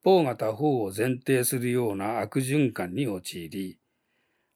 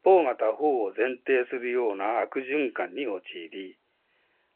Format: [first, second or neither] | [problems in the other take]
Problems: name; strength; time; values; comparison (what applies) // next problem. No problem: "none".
first | phone-call audio